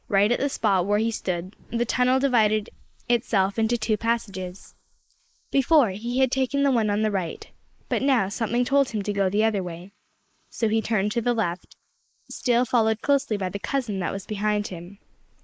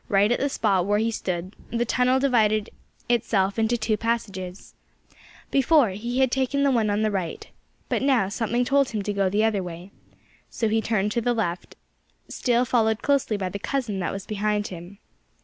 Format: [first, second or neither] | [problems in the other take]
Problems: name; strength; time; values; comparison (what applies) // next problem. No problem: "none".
second | noise reduction (neural mask model Resemble Enhance denoiser)